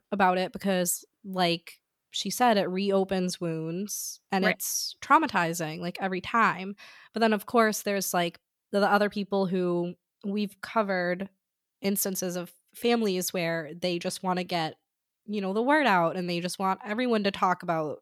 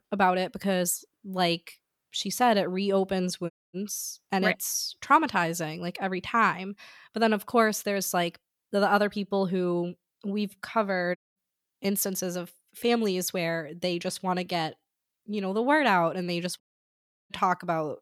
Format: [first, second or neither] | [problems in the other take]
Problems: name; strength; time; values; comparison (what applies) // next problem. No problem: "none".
first | audio cutting out; at 3.5 s, at 11 s and at 17 s for 0.5 s